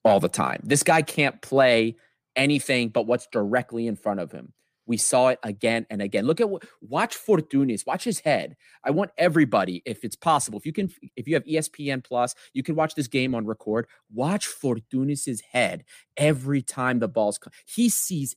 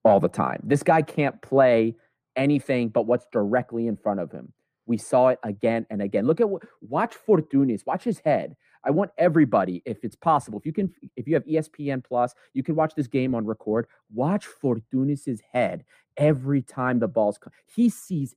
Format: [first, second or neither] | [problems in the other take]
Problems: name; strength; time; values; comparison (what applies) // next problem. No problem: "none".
first | muffled; very; fading above 2 kHz